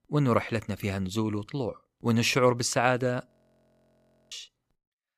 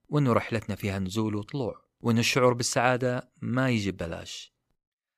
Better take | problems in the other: second | audio freezing; at 3.5 s for 1 s

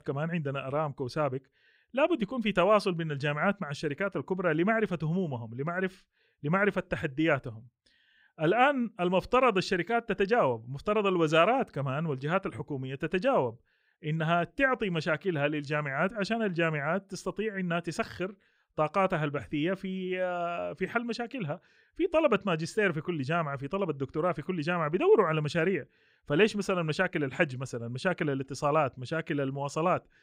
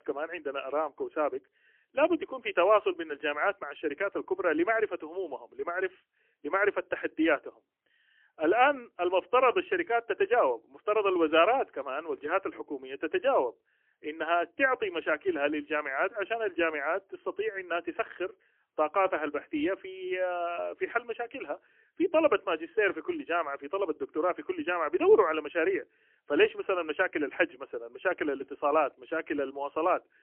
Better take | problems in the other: first | phone-call audio; poor line; nothing above 3 kHz

